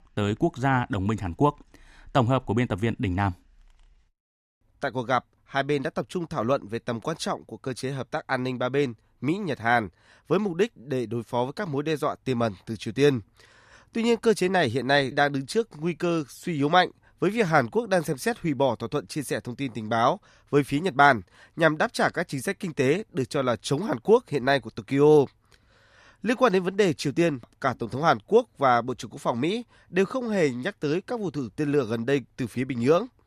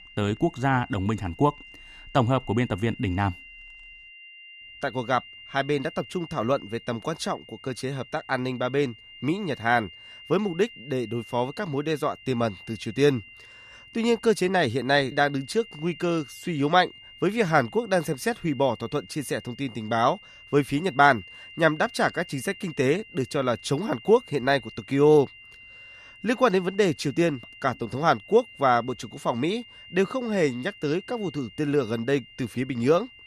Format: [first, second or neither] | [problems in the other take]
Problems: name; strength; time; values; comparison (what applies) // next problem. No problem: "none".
first | high-pitched whine; noticeable; throughout; 3 kHz, 20 dB below the speech